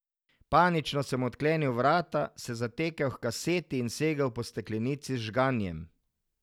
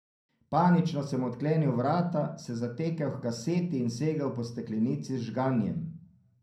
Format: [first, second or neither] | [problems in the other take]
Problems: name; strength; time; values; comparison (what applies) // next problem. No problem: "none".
first | room echo; dies away in 0.6 s